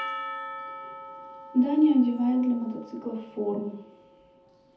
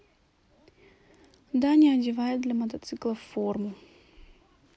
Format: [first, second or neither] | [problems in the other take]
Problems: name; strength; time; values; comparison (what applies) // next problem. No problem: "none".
second | background sound (Percussion); 13 dB below the speech // room echo; dies away in 0.5 s